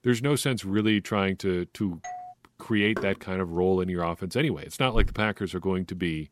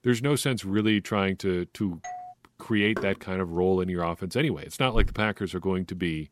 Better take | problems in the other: neither | doorbell; faint; at 2 s; peak 15 dB below the speech; the same in both // door banging; noticeable; at 3 s; peak 10 dB below the speech; the same in both // footsteps; noticeable; at 5 s; peak 6 dB below the speech; the same in both

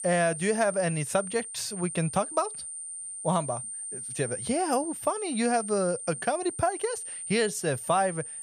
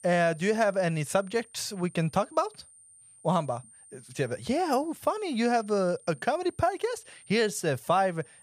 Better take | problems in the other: second | high-pitched whine; loud; throughout; 9 kHz, 7 dB below the speech; faint in the second

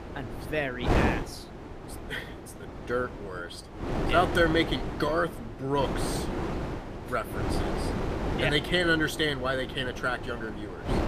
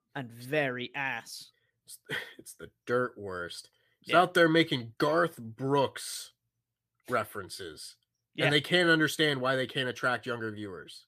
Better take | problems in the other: second | wind noise on the microphone; heavy; 8 dB below the speech

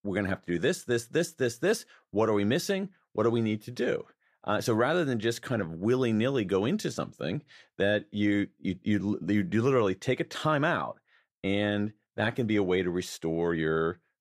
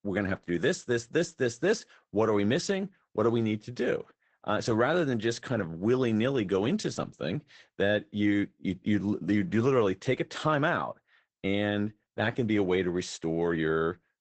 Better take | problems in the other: first | garbled, watery; badly; nothing above 8 kHz

